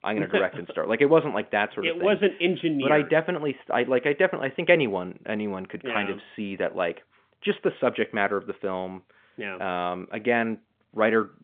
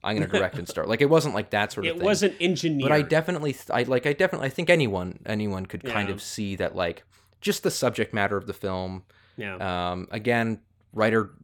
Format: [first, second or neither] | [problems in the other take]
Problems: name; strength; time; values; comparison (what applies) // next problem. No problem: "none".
second | phone-call audio; nothing above 3.5 kHz